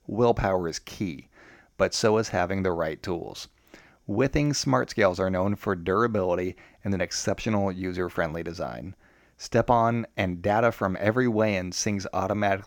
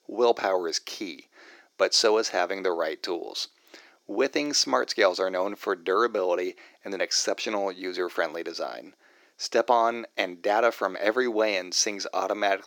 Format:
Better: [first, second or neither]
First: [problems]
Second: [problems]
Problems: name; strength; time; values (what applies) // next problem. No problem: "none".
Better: first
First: none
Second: thin; somewhat; fading below 350 Hz